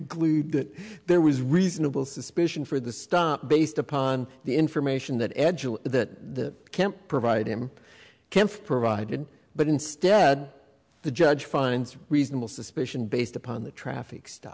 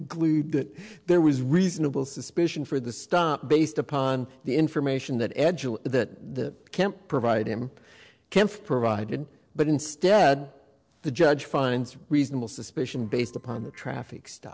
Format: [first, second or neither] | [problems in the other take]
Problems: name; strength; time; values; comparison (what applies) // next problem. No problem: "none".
first | noise reduction (neural separator model SepFormer DNS4)